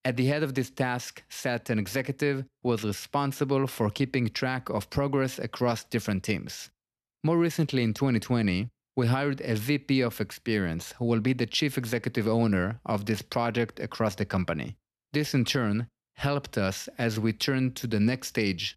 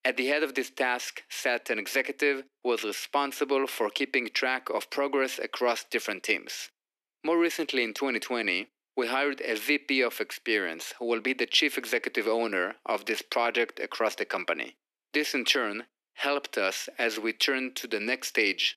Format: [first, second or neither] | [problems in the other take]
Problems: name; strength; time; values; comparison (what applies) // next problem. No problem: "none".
first | thin; somewhat; fading below 300 Hz